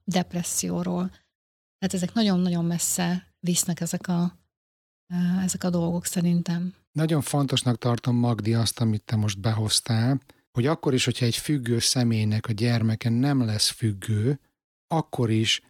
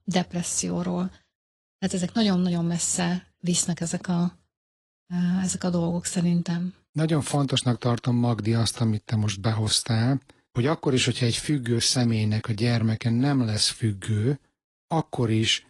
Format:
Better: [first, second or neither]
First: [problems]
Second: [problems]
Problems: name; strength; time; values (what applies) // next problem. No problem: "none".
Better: first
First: none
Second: garbled, watery; slightly; nothing above 10.5 kHz